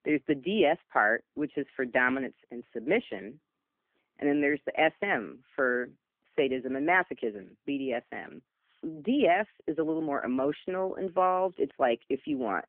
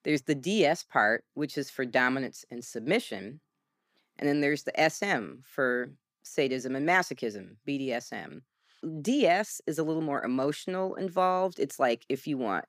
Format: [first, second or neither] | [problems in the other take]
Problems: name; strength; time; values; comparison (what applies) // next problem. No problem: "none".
second | phone-call audio; nothing above 3 kHz